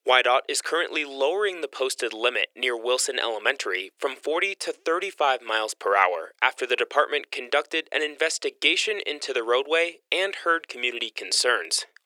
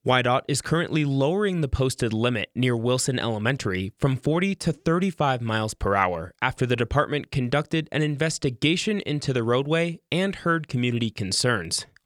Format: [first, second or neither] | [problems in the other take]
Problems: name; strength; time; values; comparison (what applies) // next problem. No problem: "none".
second | thin; very; fading below 400 Hz